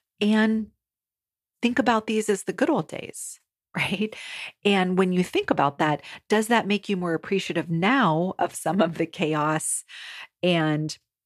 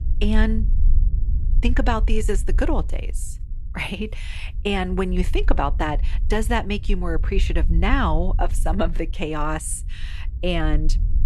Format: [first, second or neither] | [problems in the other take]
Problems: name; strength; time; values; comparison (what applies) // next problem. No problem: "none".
first | low rumble; faint; throughout; 20 dB below the speech